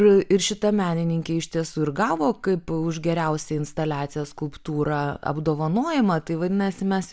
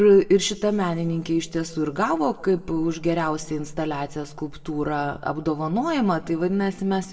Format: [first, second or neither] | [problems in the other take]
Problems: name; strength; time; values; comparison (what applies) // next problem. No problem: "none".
first | room echo; dies away in 1 s